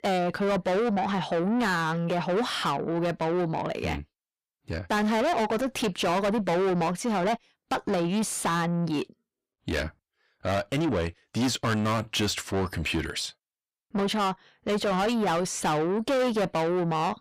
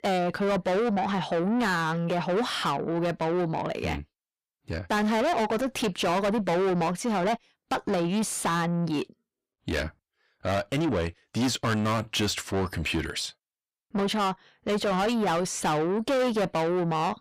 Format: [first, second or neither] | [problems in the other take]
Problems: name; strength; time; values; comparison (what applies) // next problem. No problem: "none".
neither | distortion; heavy; 6 dB below the speech; the same in both